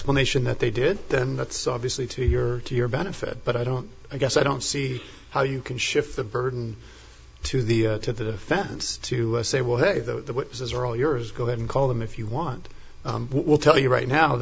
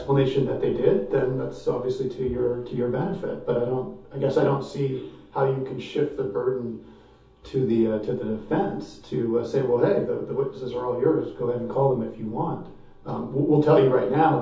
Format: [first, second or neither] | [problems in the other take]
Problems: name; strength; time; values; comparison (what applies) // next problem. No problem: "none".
first | room echo; dies away in 0.5 s